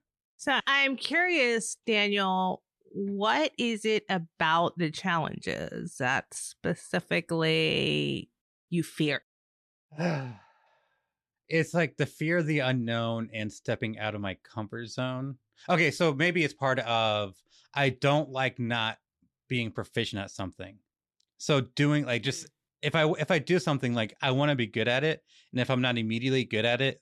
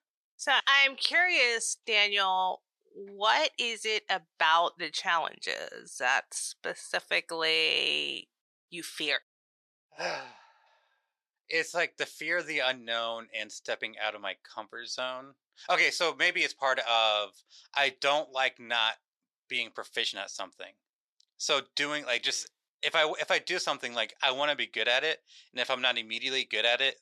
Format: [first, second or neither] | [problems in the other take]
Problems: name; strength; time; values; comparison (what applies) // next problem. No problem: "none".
first | thin; very; fading below 750 Hz